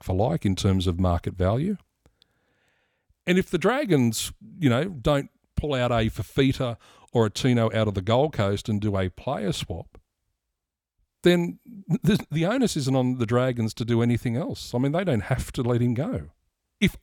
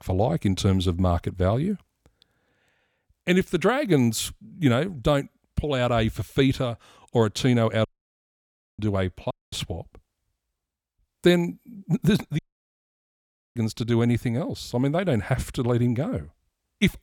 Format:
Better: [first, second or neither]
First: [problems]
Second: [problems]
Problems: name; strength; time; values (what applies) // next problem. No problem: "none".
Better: first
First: none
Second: audio cutting out; at 8 s for 1 s, at 9.5 s and at 12 s for 1 s